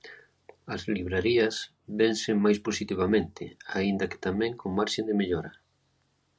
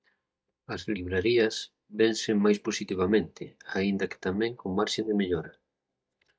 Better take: first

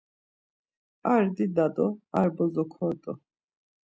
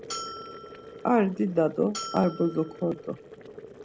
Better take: first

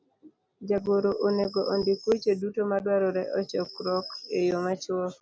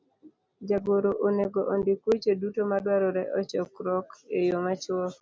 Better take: second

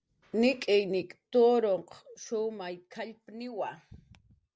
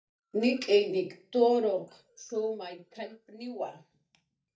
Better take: first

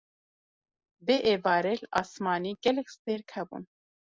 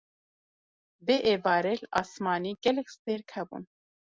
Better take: second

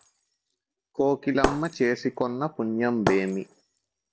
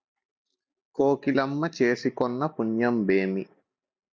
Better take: second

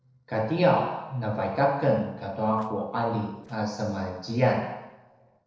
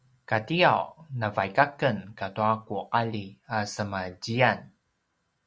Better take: second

